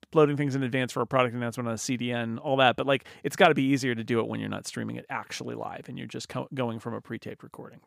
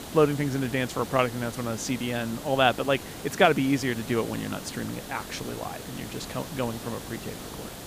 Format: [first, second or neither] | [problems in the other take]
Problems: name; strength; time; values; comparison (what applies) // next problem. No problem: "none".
first | hiss; noticeable; throughout; 10 dB below the speech